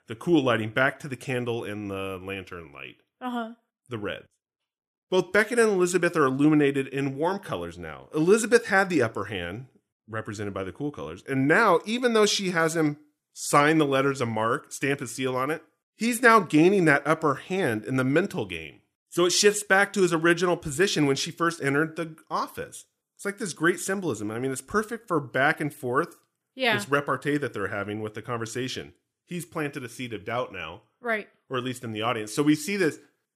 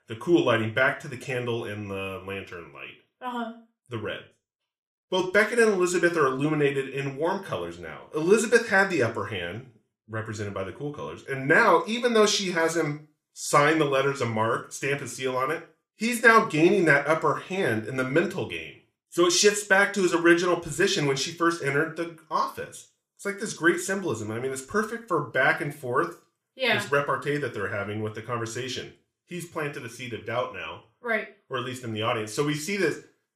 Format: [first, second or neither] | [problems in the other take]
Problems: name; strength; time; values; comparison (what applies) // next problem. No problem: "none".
first | room echo; very slight; dies away in 0.3 s